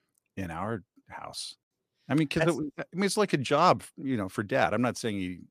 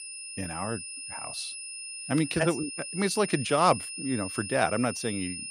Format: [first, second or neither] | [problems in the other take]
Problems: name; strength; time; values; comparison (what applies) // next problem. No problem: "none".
first | high-pitched whine; loud; throughout; 9.5 kHz, 7 dB below the speech